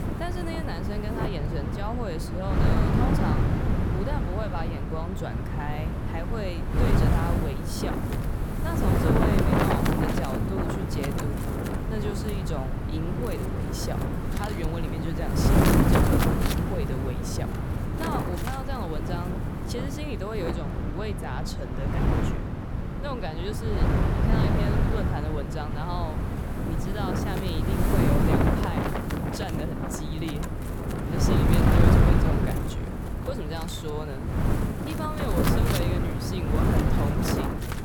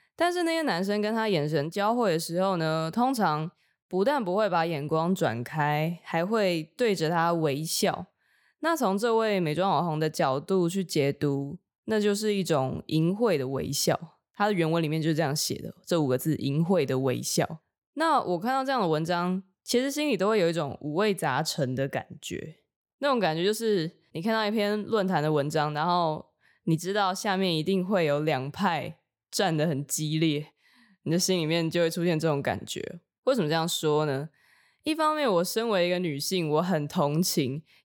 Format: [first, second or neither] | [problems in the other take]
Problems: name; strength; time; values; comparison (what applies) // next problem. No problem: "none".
second | wind noise on the microphone; heavy; 4 dB above the speech